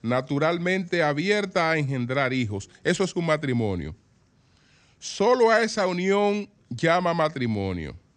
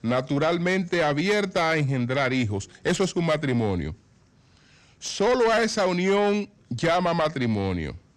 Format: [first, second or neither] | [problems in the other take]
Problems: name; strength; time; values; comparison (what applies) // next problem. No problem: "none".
first | distortion; slight; 10 dB below the speech